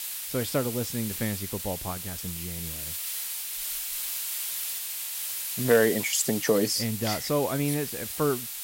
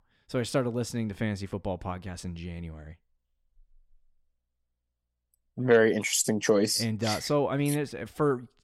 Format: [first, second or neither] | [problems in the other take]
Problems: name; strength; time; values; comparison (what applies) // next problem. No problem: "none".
second | hiss; loud; throughout; 4 dB below the speech